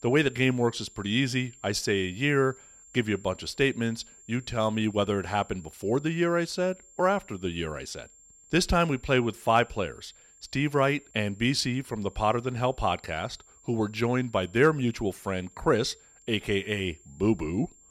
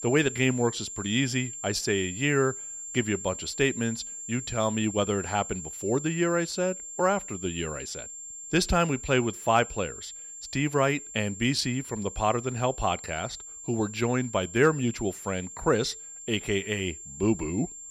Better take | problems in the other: first | high-pitched whine; loud; throughout; 7.5 kHz, 10 dB below the speech; faint in the first

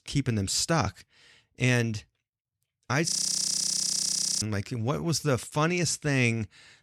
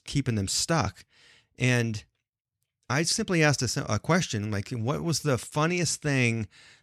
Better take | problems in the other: second | audio freezing; at 3 s for 1.5 s

